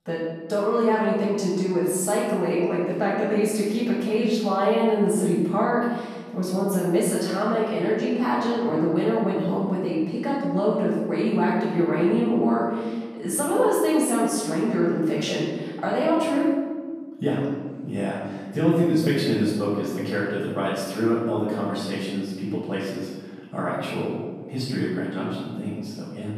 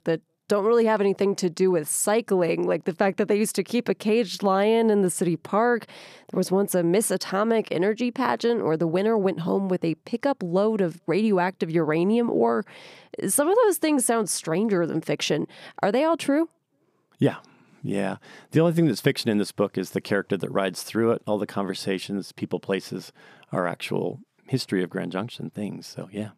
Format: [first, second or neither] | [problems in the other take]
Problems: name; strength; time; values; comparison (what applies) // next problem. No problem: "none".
second | room echo; strong; dies away in 1.2 s // off-mic speech; far